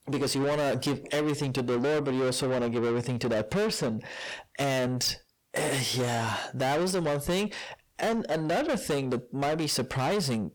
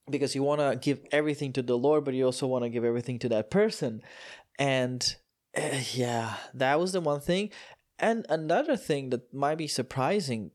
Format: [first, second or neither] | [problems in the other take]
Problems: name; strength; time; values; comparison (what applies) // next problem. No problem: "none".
second | distortion; heavy; 6 dB below the speech